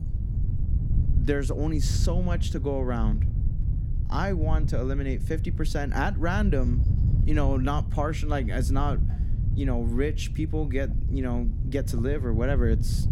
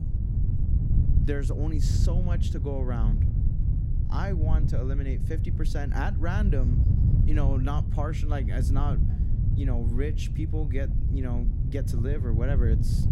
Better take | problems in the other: first | wind noise on the microphone; heavy; 4 dB below the speech; occasional gusts in the first

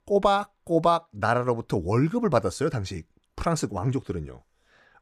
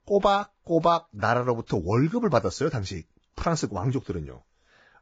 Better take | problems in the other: first | garbled, watery; badly; nothing above 7.5 kHz

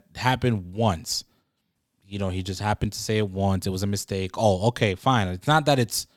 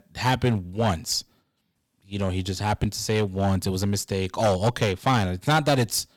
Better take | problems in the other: first | distortion; slight; 5% of the sound clipped

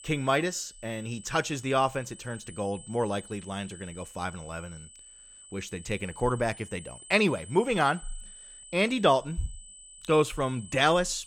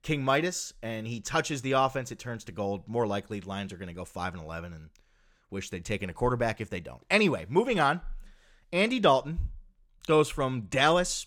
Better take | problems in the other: second | high-pitched whine; noticeable; throughout; 8 kHz, 20 dB below the speech

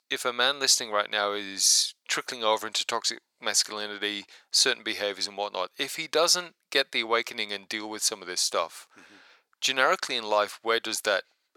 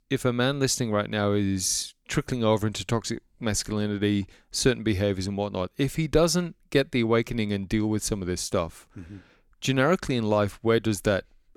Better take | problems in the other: second | thin; very; fading below 800 Hz

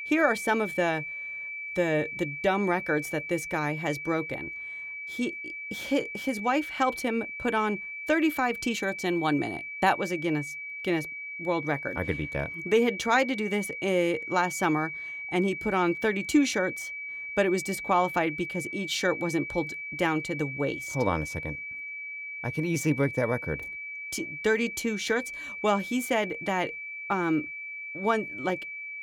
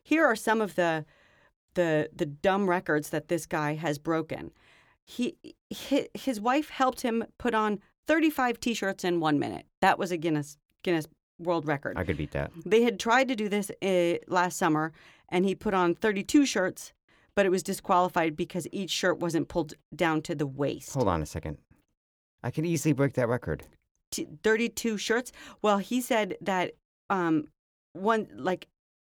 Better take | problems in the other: second | high-pitched whine; loud; throughout; 2.5 kHz, 7 dB below the speech

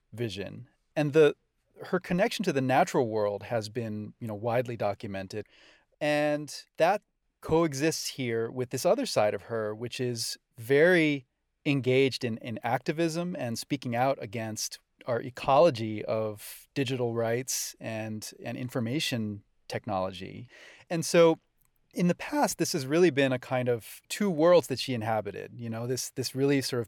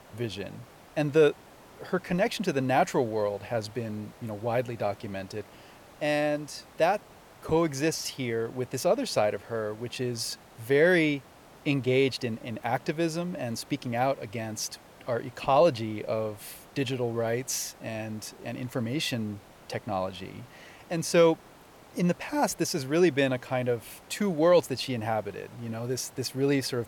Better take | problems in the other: first | hiss; faint; throughout; 25 dB below the speech

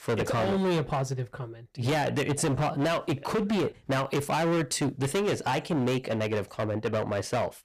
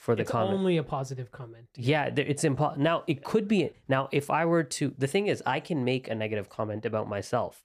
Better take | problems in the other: second | distortion; heavy; 23% of the sound clipped

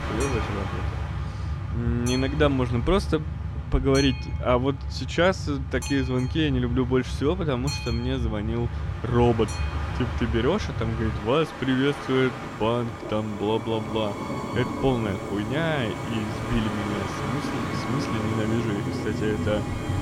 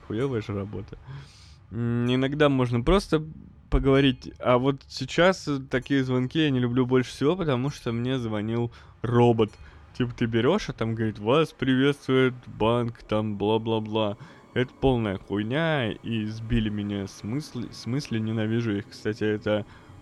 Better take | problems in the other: second | train or aircraft noise; loud; throughout; 5 dB below the speech; faint in the second

